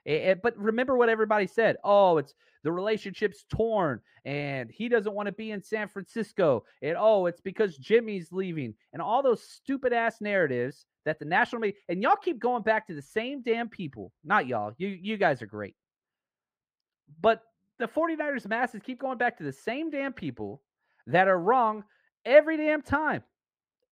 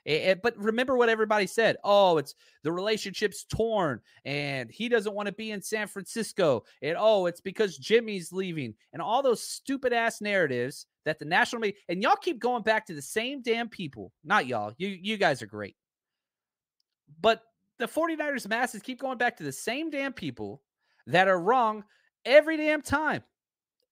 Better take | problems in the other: second | muffled; slightly; fading above 3.5 kHz

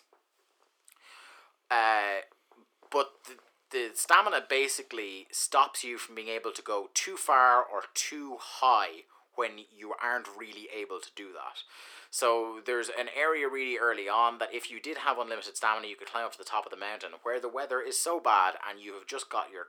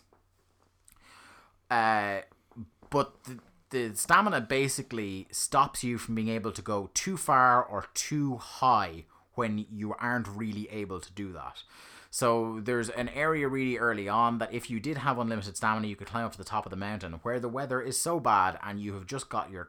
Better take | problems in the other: second | thin; very; fading below 350 Hz

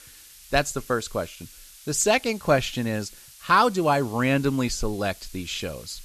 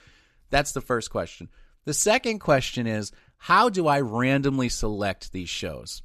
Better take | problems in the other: second | hiss; faint; throughout; 20 dB below the speech

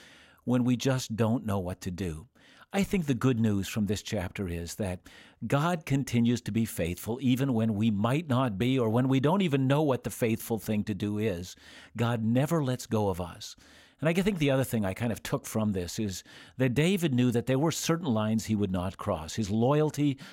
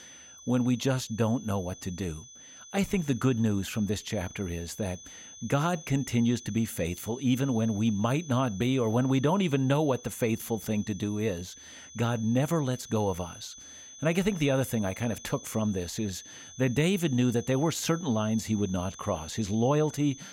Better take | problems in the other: first | high-pitched whine; noticeable; throughout; 6 kHz, 15 dB below the speech

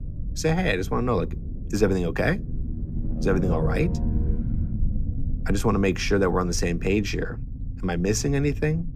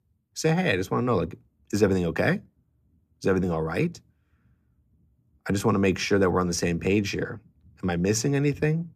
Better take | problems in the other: second | low rumble; noticeable; throughout; 15 dB below the speech

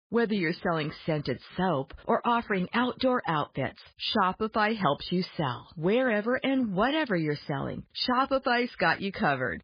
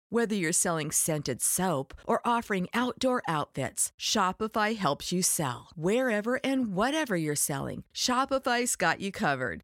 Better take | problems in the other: second | garbled, watery; badly; nothing above 5 kHz

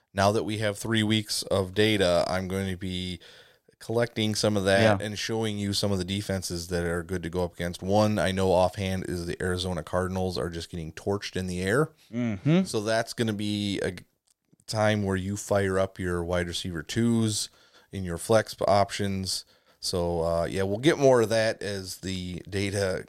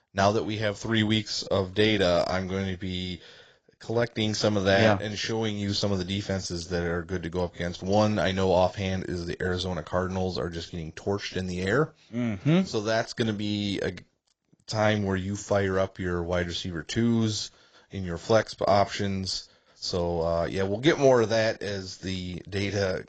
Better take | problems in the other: first | garbled, watery; badly; nothing above 7.5 kHz

